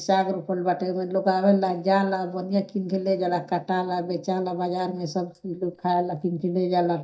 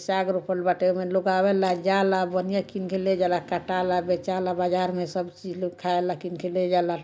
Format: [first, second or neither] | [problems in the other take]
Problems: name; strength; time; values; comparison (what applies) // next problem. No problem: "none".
second | noise reduction (neural mask model DeepFilterNet 3)